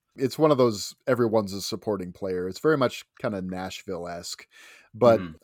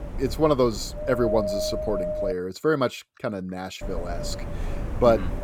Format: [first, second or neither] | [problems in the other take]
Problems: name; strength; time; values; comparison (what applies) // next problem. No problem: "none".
first | wind noise on the microphone; heavy; until 2.5 s and from 4 s on; 5 dB below the speech